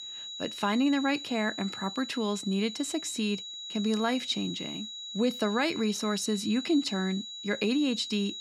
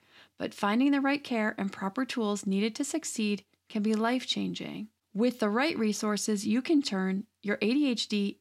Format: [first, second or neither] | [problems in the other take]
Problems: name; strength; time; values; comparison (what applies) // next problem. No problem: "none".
second | high-pitched whine; loud; throughout; 4 kHz, 8 dB below the speech